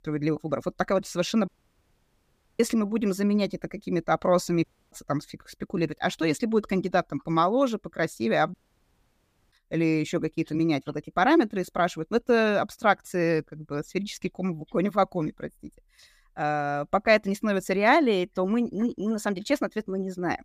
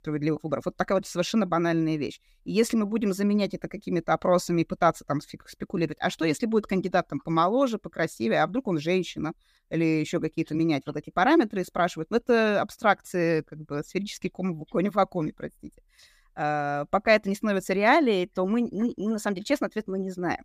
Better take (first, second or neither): second